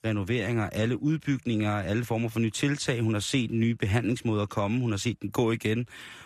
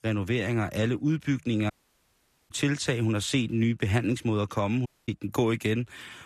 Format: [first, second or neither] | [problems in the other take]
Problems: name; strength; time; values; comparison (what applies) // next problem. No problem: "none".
first | audio cutting out; at 1.5 s for 1 s and at 5 s